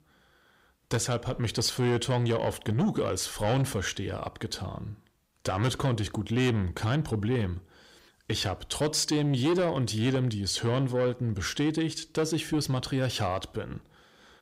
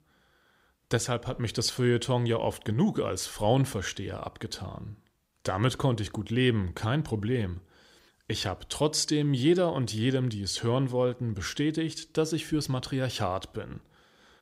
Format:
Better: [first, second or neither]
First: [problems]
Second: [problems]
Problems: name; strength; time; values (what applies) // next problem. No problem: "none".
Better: second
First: distortion; slight; 10 dB below the speech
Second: none